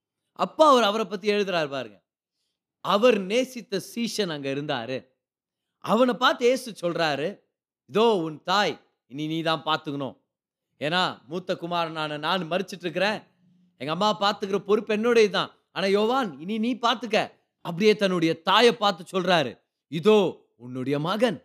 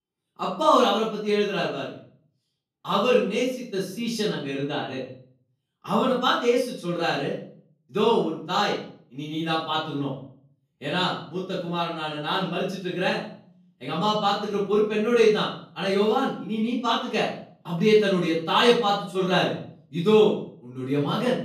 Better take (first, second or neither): first